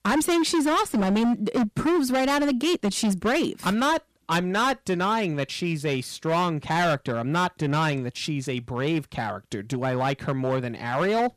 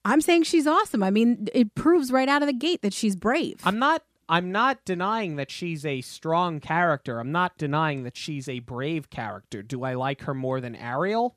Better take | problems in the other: second | distortion; heavy; 16% of the sound clipped

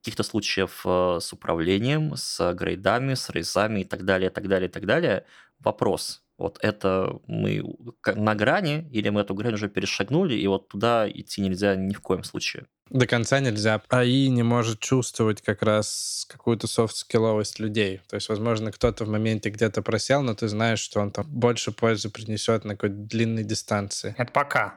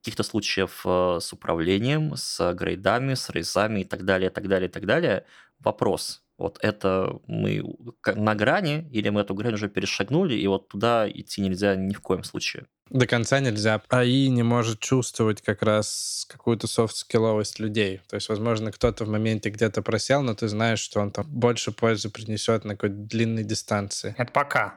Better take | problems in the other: neither | none

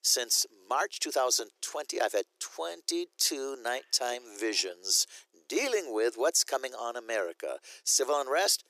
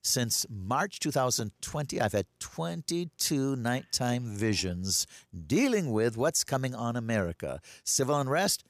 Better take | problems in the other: second | thin; very; fading below 350 Hz

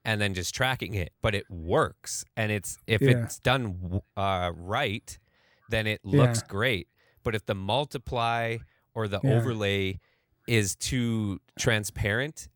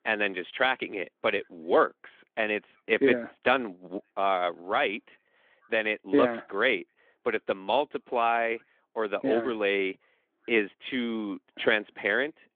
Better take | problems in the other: first | phone-call audio; nothing above 3.5 kHz

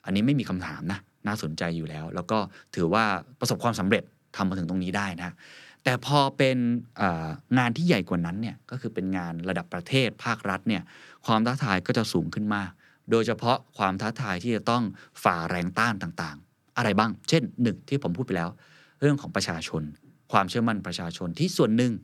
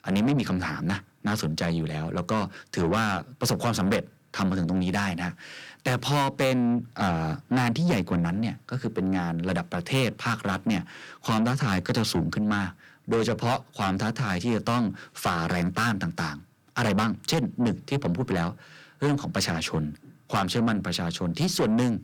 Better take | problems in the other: first | distortion; heavy; 7 dB below the speech

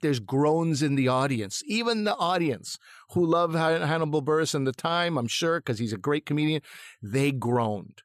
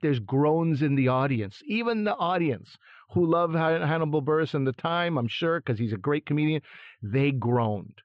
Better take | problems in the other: first | muffled; very; fading above 3 kHz

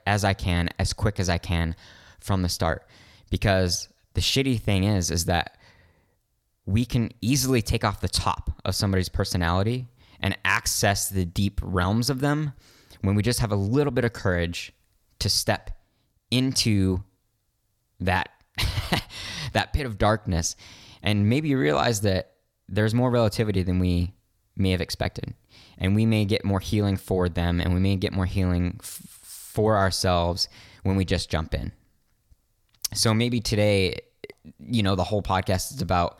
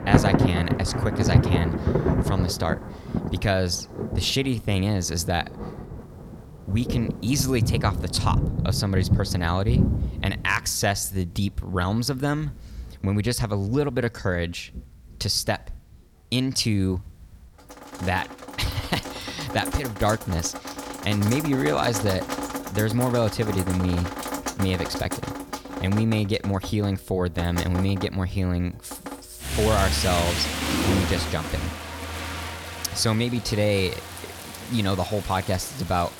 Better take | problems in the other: first | rain or running water; loud; throughout; 3 dB below the speech

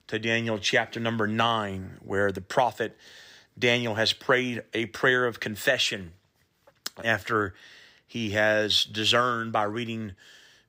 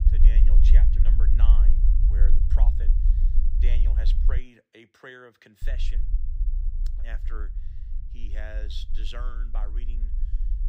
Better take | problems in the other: first | low rumble; loud; until 4.5 s and from 5.5 s on; 4 dB below the speech

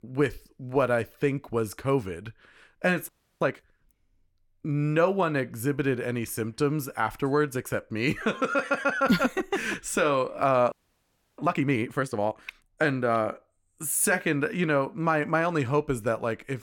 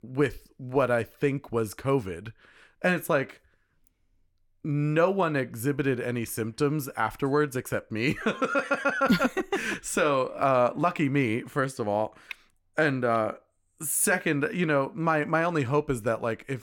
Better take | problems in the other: second | audio freezing; at 3 s and at 11 s for 0.5 s

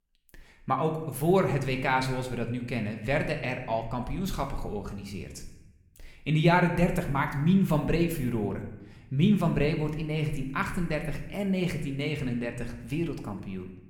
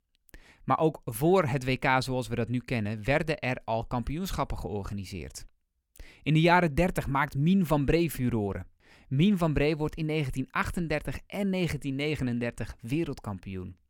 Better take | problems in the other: second | room echo; slight; dies away in 0.8 s

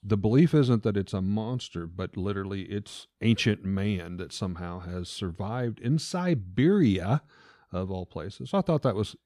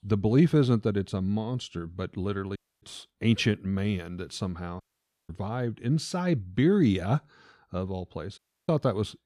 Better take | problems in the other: first | audio cutting out; at 2.5 s, at 5 s and at 8.5 s

